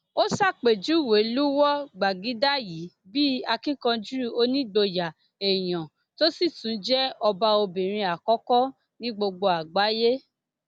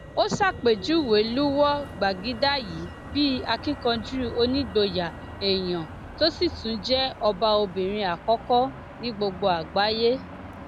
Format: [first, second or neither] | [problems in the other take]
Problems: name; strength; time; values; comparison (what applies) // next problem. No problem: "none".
first | background sound (Motor vehicle (road)); 14 dB below the speech